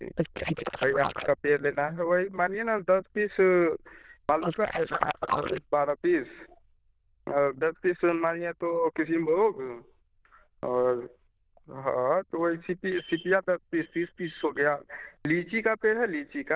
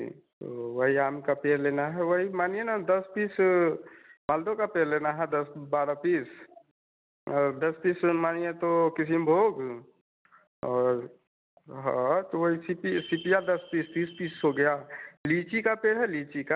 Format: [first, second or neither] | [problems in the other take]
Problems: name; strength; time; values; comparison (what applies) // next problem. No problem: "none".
second | noise reduction (neural diffusion model UNIVERSE++)